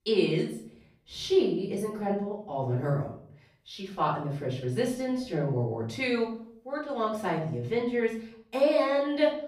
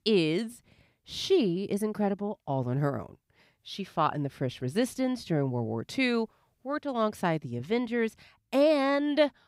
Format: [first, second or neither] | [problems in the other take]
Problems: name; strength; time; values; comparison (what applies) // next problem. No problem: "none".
second | room echo; slight; dies away in 0.5 s // off-mic speech; far